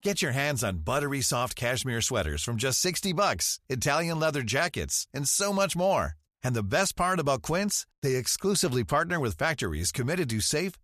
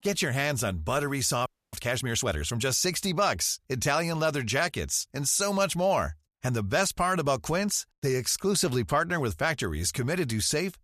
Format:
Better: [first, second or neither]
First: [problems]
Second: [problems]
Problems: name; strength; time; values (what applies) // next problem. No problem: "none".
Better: first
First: none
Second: audio freezing; at 1.5 s